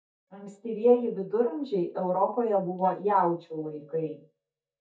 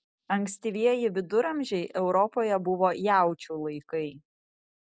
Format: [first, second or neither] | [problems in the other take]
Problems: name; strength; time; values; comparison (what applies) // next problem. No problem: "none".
second | noise reduction (neural mask model DeepFilterNet 3)